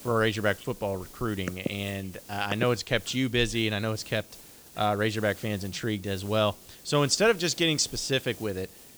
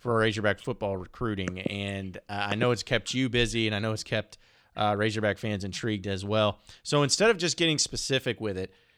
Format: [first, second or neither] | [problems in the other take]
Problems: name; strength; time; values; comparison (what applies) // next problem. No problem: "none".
second | hiss; noticeable; throughout; 20 dB below the speech